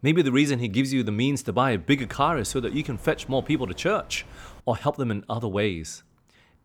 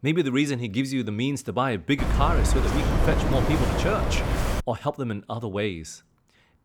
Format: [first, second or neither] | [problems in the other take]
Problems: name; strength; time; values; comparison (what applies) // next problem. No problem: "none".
first | wind noise on the microphone; heavy; from 2 to 4.5 s; 1 dB below the speech; occasional gusts in the first